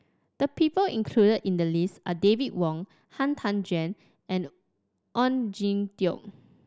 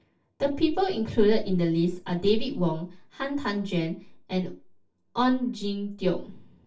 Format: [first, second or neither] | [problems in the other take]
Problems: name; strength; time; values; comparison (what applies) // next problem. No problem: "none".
first | room echo; dies away in 0.3 s